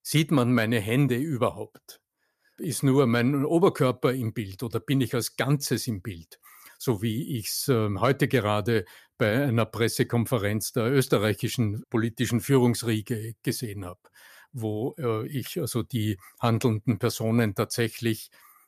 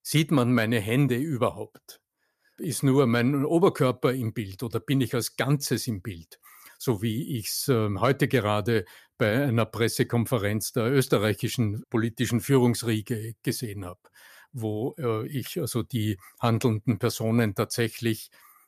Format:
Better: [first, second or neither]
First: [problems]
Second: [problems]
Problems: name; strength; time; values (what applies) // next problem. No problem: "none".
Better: neither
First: none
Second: none